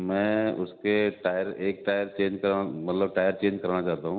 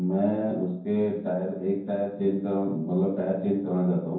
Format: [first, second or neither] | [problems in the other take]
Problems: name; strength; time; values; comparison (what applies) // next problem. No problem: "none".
first | room echo; dies away in 0.9 s